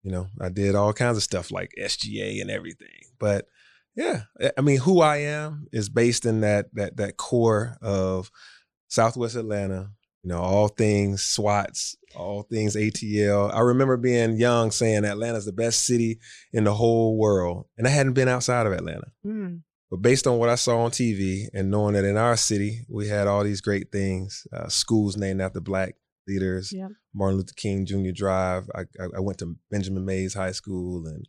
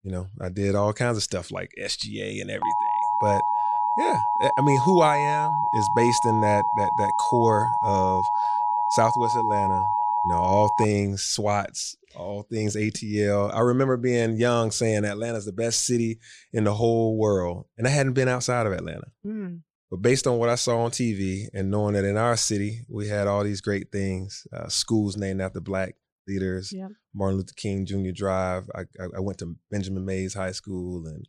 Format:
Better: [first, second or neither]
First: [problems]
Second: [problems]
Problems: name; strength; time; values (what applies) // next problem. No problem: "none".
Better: first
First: none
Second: alarm; loud; from 2.5 to 11 s; peak 2 dB above the speech